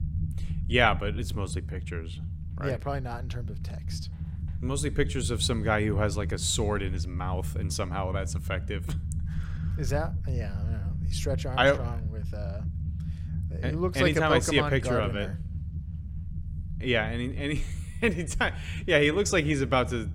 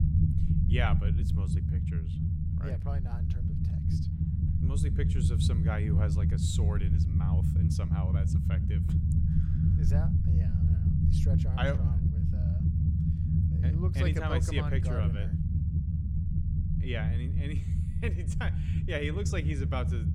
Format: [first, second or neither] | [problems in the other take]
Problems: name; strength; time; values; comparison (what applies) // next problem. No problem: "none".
first | low rumble; loud; throughout; 2 dB below the speech; faint in the first